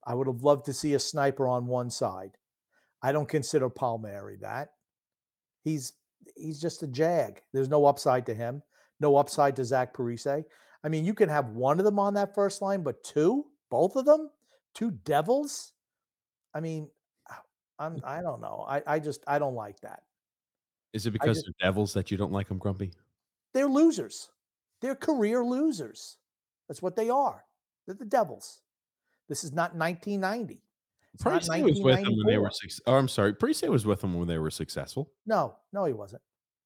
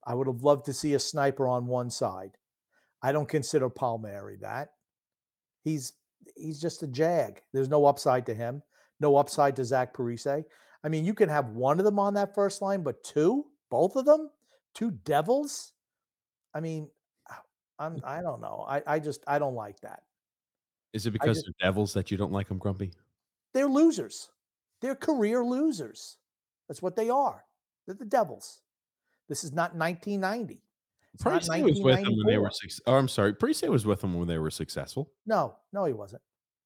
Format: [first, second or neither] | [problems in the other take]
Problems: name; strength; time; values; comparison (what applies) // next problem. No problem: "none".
neither | none